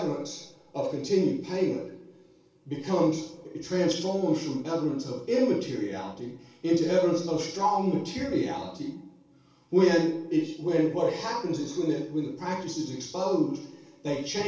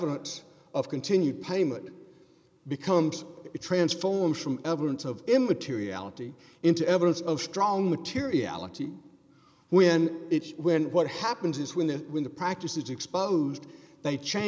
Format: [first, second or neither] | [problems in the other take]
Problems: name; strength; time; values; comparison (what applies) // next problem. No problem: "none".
second | room echo; dies away in 0.4 s